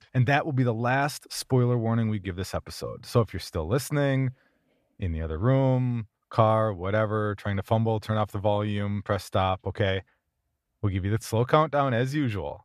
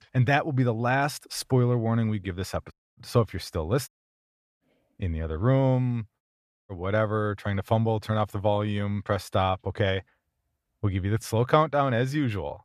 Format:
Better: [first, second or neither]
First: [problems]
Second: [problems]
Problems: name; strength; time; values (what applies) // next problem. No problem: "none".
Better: first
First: none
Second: audio cutting out; at 2.5 s, at 4 s for 0.5 s and at 6 s